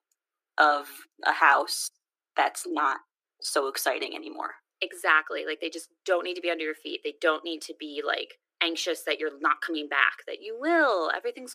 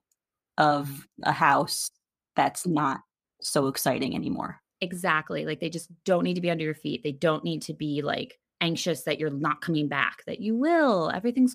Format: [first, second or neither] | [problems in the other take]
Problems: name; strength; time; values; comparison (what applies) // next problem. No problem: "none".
second | thin; very; fading below 300 Hz